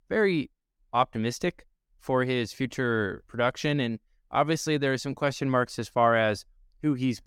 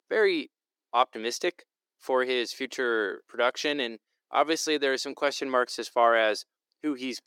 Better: first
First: none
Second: thin; somewhat; fading below 350 Hz

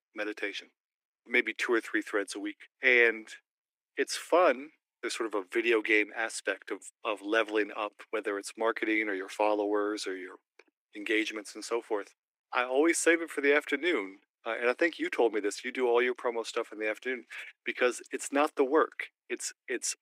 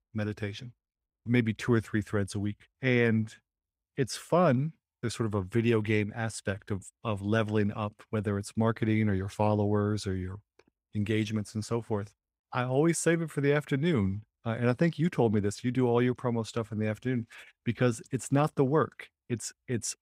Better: second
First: thin; very; fading below 300 Hz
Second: none

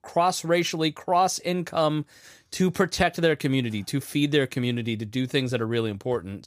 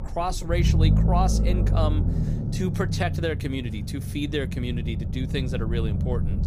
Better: first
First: none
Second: low rumble; loud; throughout; 7 dB below the speech

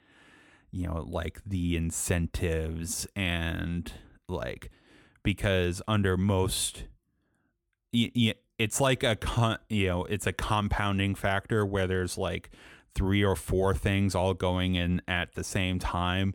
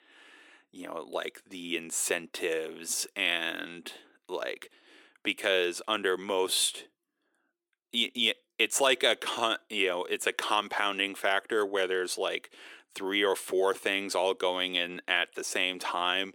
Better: first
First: none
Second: thin; very; fading below 350 Hz

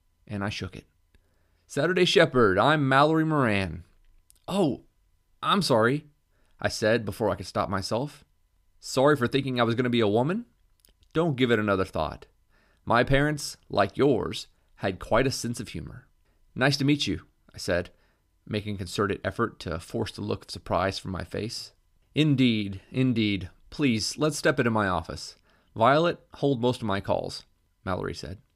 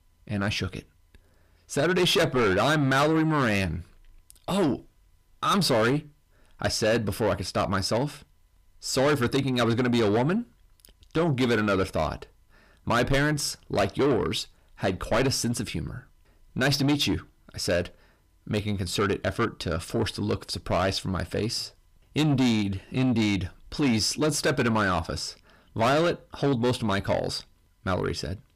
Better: first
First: none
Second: distortion; heavy; 7 dB below the speech

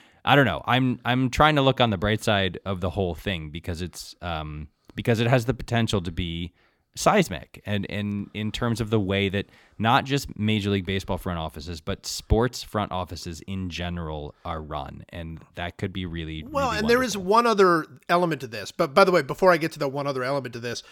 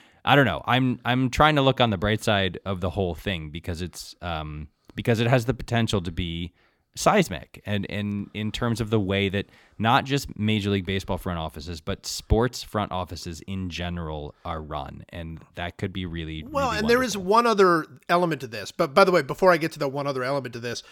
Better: neither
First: none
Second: none

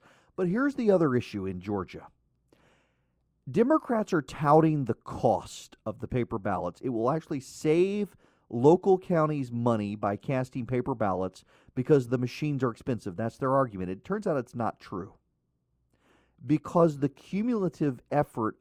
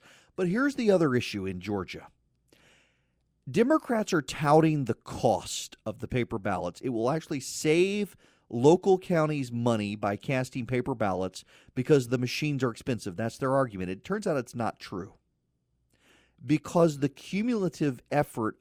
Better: second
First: muffled; slightly; fading above 1.5 kHz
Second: none

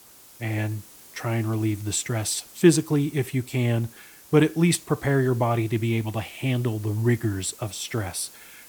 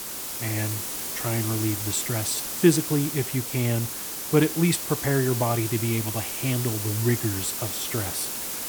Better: first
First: hiss; faint; throughout; 20 dB below the speech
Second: hiss; loud; throughout; 3 dB below the speech

